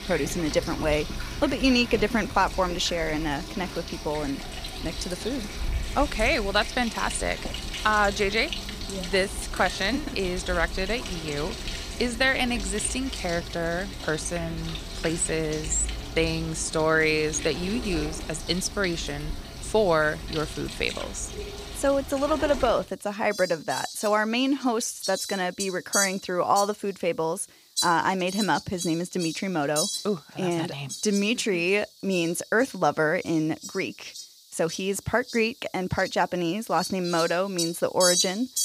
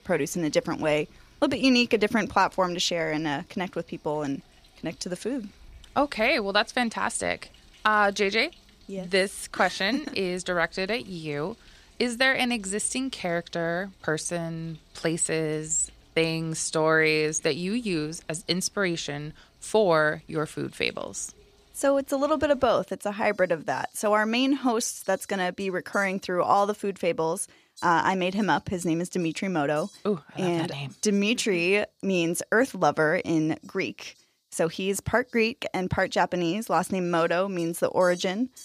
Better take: second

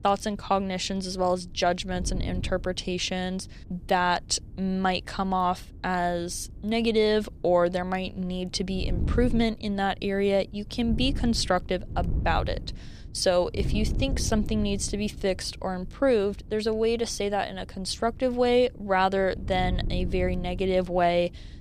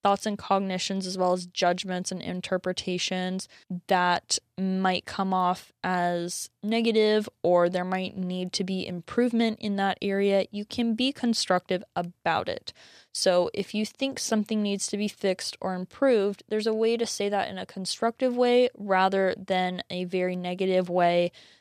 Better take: second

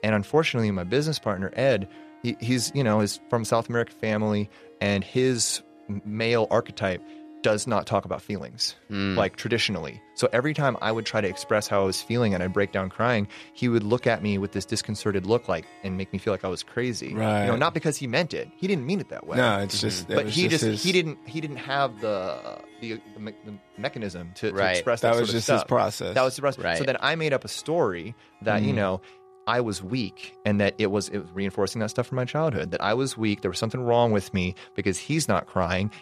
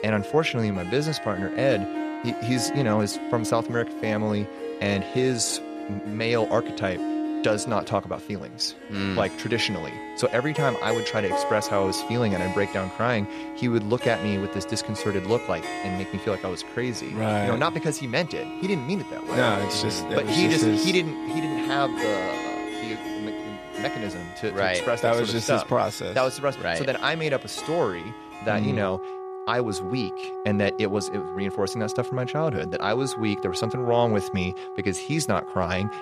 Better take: first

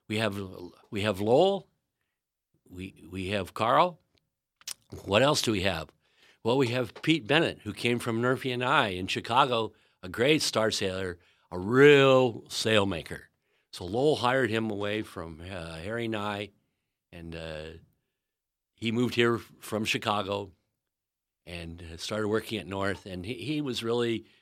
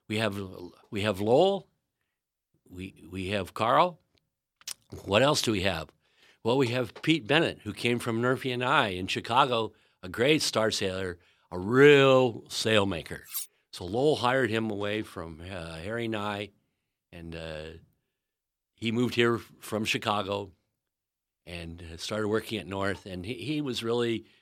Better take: first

